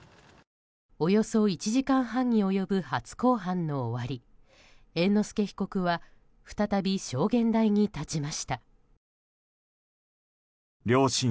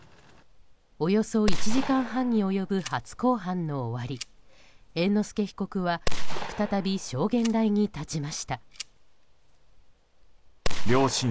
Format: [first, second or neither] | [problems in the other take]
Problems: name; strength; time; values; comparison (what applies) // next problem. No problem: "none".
first | background sound (Gunshot, gunfire); 1 dB above the speech